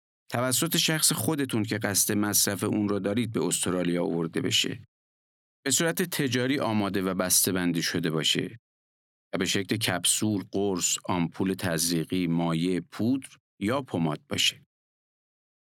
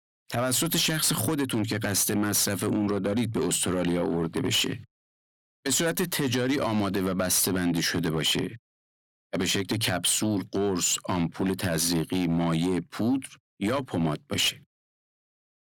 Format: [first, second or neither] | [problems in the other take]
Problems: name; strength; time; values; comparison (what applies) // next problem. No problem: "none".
first | distortion; slight; 10 dB below the speech